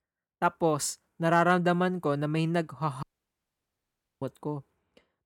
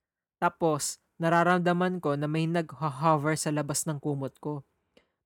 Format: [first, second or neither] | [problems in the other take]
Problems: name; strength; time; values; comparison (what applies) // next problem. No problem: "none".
second | audio cutting out; at 3 s for 1 s